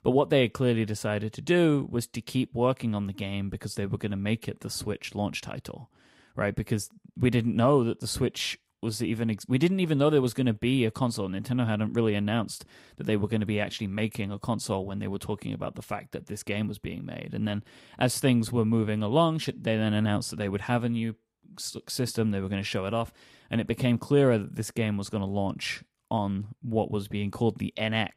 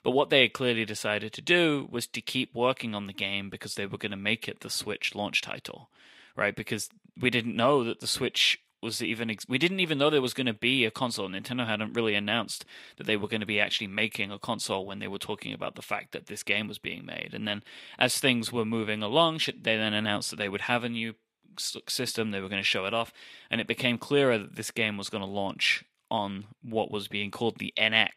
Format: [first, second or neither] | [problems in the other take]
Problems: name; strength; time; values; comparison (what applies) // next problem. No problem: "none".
first | thin; very slightly; fading below 400 Hz